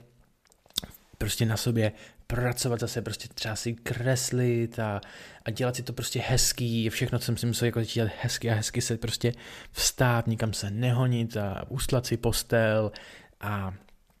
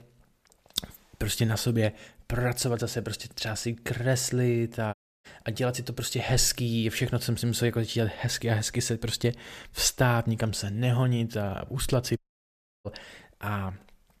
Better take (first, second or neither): first